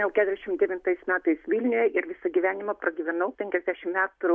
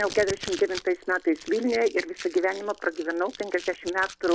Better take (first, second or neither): first